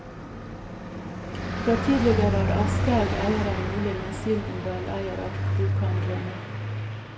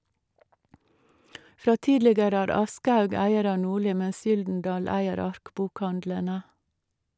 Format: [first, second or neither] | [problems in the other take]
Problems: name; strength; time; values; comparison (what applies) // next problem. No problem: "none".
second | background sound (Car passing by); 1 dB above the speech // room echo; dies away in 0.7 s